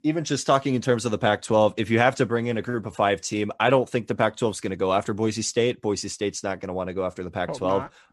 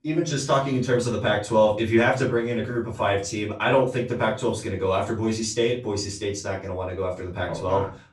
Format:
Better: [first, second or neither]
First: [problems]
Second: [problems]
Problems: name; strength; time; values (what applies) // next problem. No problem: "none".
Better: first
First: none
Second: room echo; slight; dies away in 0.3 s // off-mic speech; far